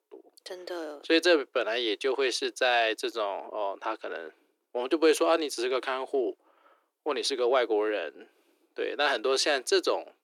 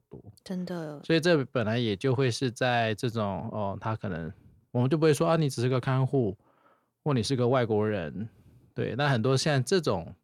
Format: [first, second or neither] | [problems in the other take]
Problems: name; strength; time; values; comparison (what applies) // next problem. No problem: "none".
second | thin; very; fading below 300 Hz